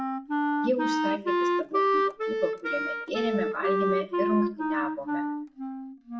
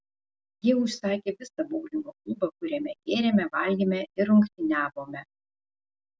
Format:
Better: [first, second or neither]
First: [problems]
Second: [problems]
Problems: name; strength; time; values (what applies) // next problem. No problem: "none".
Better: second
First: background sound (Wind instrument, woodwind instrument); 5 dB above the speech // room echo; dies away in 0.5 s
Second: none